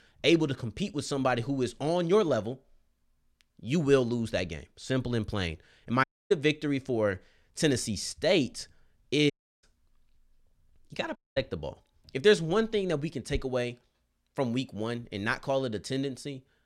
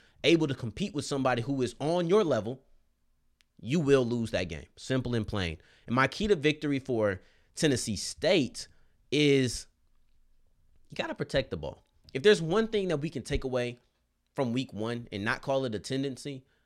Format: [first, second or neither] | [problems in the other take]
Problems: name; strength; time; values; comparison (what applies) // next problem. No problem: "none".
second | audio cutting out; at 6 s, at 9.5 s and at 11 s